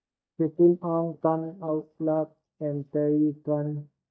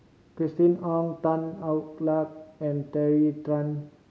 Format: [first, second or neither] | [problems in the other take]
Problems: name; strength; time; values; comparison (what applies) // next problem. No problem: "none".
second | noise reduction (neural mask model DeepFilterNet 3)